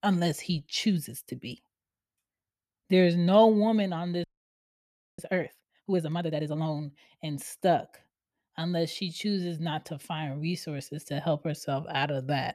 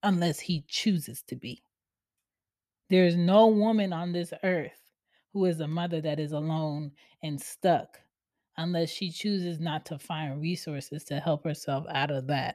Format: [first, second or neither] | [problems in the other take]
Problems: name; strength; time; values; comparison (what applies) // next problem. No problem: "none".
second | audio freezing; at 4 s for 1 s